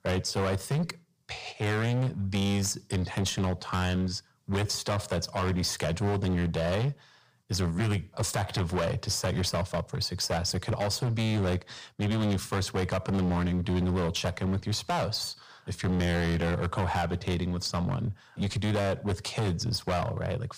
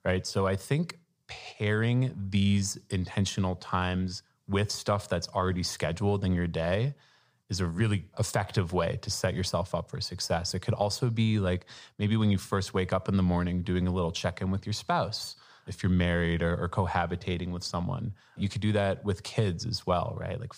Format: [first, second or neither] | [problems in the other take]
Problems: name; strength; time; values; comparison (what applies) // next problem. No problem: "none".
second | distortion; heavy; 22% of the sound clipped